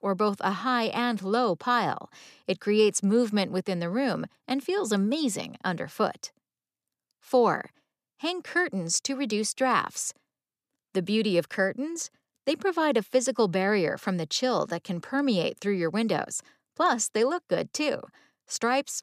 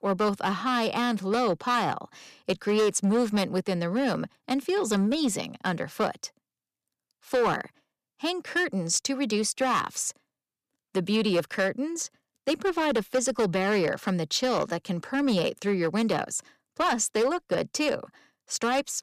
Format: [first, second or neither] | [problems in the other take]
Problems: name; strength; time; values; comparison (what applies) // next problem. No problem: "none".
first | distortion; slight; 7% of the sound clipped